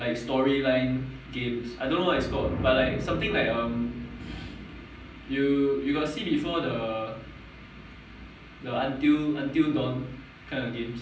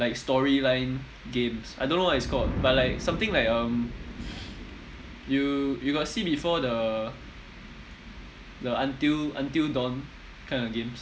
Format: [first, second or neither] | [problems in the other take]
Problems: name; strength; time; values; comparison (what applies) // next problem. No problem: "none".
second | room echo; dies away in 0.6 s